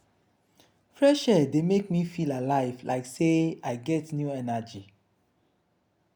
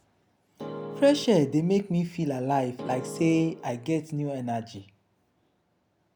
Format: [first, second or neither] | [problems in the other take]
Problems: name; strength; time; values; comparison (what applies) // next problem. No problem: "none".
first | background sound (Keyboard (musical)); 11 dB below the speech